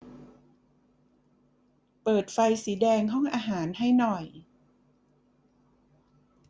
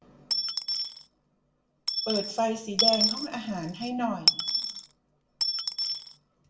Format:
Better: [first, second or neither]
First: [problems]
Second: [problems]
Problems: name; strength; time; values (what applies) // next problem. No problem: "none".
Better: first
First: none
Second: background sound (Coin (dropping) / Dishes, pots, and pans); 3 dB above the speech // room echo; dies away in 0.6 s